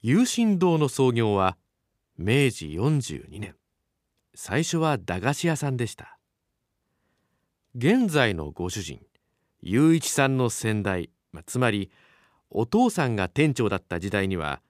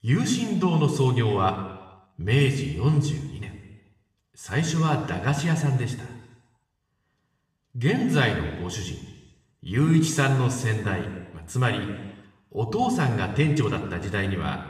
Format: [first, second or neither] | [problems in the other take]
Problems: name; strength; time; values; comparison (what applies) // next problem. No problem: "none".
first | room echo; noticeable; dies away in 1.1 s // off-mic speech; somewhat distant